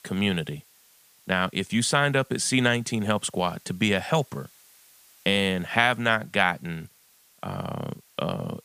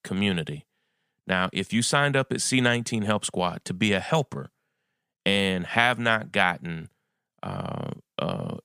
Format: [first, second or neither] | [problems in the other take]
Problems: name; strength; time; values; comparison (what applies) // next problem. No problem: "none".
second | hiss; faint; throughout; 30 dB below the speech